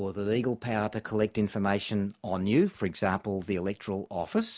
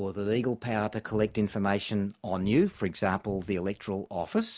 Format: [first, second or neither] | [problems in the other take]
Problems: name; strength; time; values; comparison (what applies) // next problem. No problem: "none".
first | background sound (Cupboard open or close); 20 dB below the speech